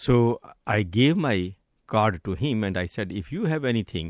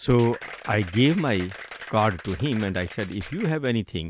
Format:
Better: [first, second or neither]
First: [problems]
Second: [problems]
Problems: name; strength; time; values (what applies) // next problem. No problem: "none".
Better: first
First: none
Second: background sound (Applause); 16 dB below the speech